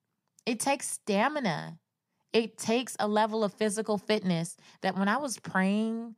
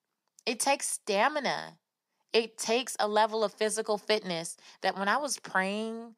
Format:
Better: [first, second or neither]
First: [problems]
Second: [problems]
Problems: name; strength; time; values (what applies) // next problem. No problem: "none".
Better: first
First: none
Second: thin; somewhat; fading below 350 Hz